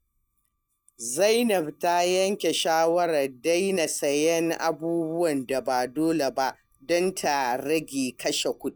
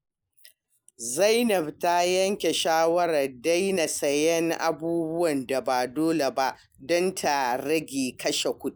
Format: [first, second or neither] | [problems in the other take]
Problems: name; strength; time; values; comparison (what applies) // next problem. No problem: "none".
second | noise reduction (neural mask model DeepFilterNet 3)